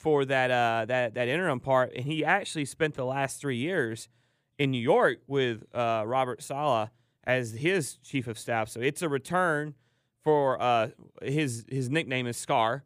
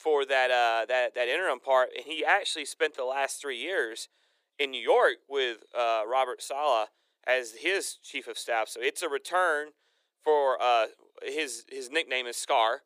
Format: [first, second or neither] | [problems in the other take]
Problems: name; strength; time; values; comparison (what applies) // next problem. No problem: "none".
first | thin; very; fading below 400 Hz